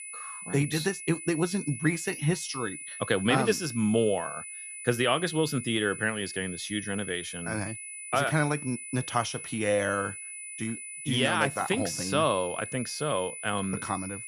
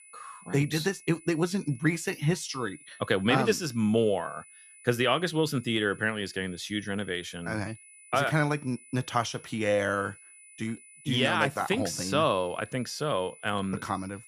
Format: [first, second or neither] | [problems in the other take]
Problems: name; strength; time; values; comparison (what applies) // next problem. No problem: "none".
second | high-pitched whine; loud; throughout; 10 kHz, 9 dB below the speech; faint in the second